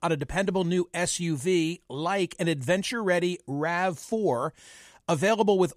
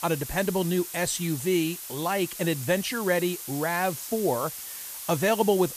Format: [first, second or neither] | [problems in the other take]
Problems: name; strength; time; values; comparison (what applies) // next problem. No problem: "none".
first | hiss; loud; throughout; 9 dB below the speech